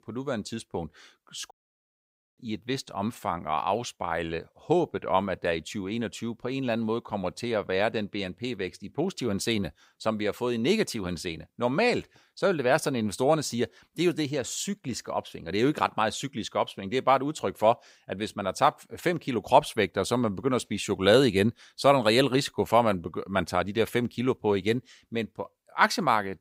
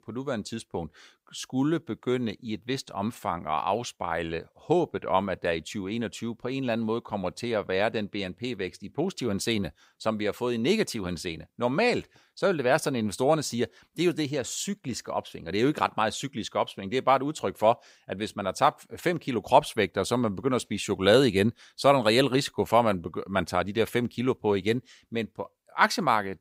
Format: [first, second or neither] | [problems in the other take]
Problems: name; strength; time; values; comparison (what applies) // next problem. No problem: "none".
second | audio cutting out; at 1.5 s for 1 s